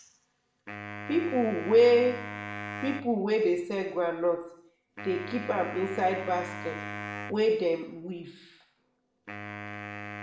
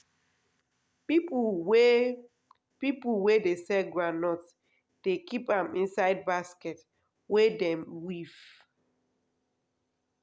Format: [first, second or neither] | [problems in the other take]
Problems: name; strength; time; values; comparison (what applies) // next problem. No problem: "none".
second | background sound (Wind instrument, woodwind instrument); 12 dB below the speech // room echo; dies away in 0.7 s